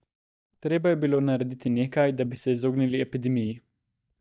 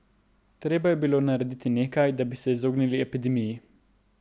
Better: second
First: noise reduction (neural mask model DeepFilterNet 3)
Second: none

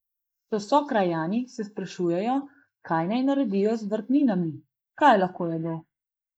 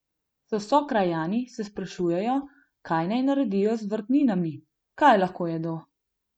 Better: second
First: noise reduction (neural mask model Resemble Enhance denoiser)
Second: none

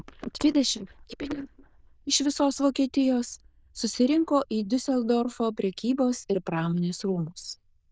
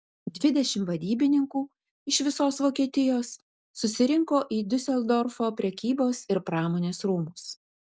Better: second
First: noise reduction (neural diffusion model UNIVERSE++)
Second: none

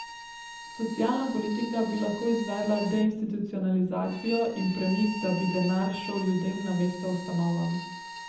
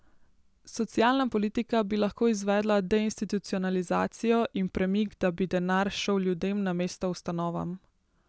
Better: second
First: background sound (Bowed string instrument); 12 dB below the speech // room echo; dies away in 0.8 s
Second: none

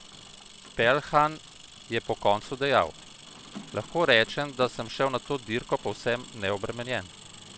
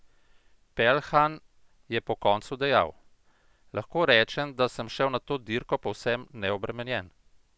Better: second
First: background sound (Engine); 18 dB below the speech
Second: none

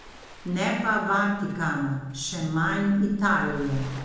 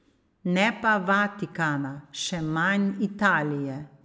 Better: second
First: background sound (Waves, surf); 17 dB below the speech // room echo; dies away in 0.9 s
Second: none

